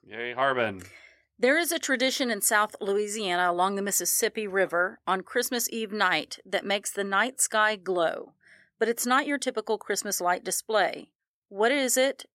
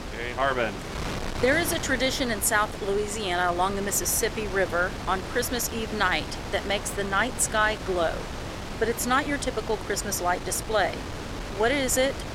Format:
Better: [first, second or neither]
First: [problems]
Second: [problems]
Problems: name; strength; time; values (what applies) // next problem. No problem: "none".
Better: first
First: none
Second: wind noise on the microphone; occasional gusts; 10 dB below the speech